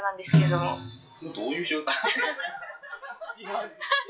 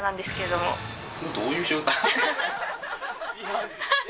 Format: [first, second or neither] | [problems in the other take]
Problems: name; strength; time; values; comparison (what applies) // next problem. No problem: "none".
second | noise reduction (classical method log-MMSE)